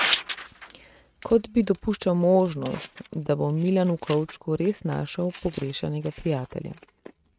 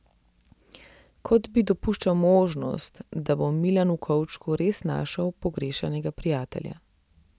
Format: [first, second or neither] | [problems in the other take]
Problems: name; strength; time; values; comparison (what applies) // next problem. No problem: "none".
second | noise reduction (neural mask model RNNoise)